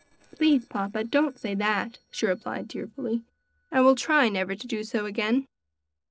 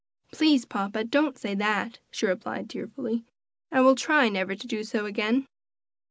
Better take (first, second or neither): second